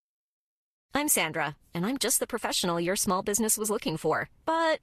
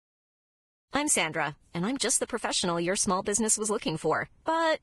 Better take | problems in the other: first | garbled, watery; badly; nothing above 10 kHz; slightly in the first

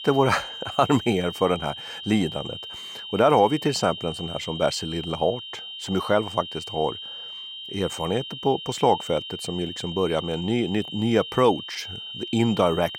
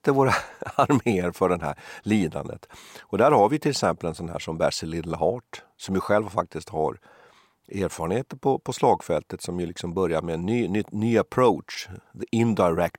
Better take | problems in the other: second | high-pitched whine; loud; throughout; 3 kHz, 10 dB below the speech

